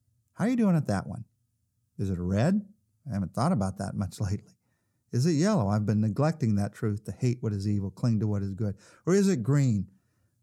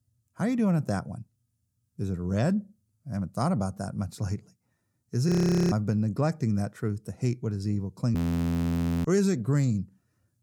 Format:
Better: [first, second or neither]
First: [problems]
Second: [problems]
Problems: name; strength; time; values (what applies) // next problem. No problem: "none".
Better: first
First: none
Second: audio freezing; at 5.5 s and at 8 s for 1 s